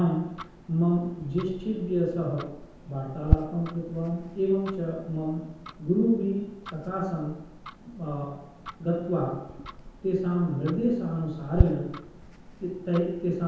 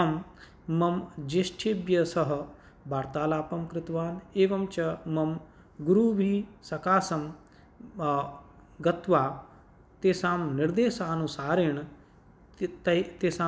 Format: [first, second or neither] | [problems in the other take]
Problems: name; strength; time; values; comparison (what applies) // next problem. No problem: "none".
second | background sound (Tick-tock); 5 dB below the speech // room echo; dies away in 0.9 s